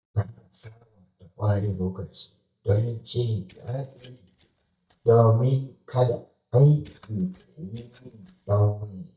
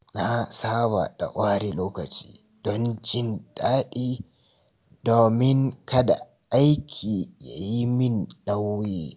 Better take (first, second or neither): second